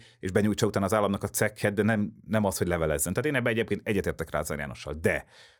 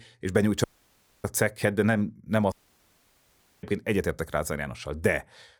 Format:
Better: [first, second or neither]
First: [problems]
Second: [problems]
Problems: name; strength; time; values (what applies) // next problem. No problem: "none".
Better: first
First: none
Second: audio cutting out; at 0.5 s for 0.5 s and at 2.5 s for 1 s